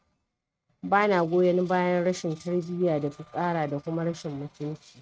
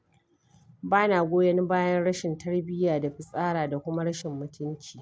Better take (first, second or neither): second